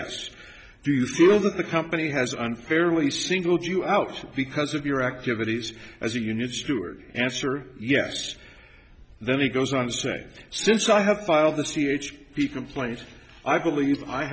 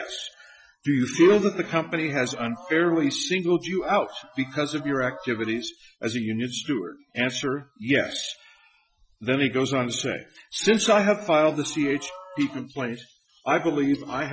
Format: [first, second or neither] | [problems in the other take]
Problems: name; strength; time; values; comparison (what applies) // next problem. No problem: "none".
first | noise reduction (classical method Wiener filter)